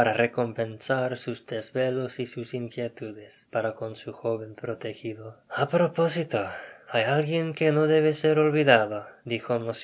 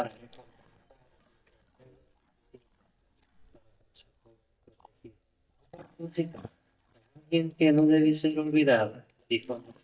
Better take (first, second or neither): first